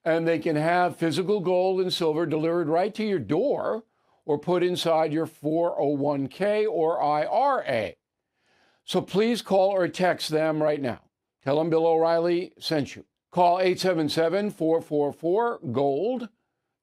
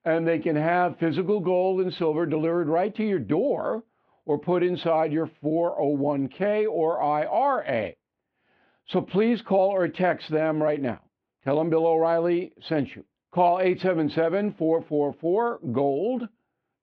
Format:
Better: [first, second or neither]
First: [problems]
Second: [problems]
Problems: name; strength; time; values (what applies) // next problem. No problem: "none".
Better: first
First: none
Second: muffled; slightly; fading above 3 kHz